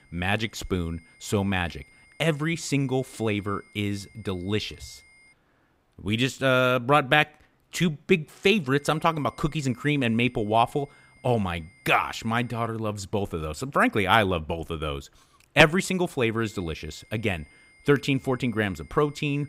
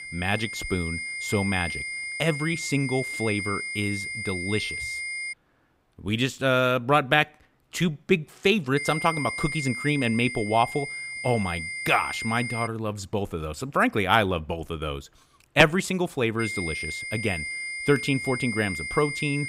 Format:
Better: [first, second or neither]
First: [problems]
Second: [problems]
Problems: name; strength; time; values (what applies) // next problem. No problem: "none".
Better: first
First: high-pitched whine; faint; until 5.5 s, from 9 to 13 s and from 16 s on; 2 kHz, 30 dB below the speech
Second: high-pitched whine; loud; until 5.5 s, from 9 to 13 s and from 16 s on; 2 kHz, 5 dB below the speech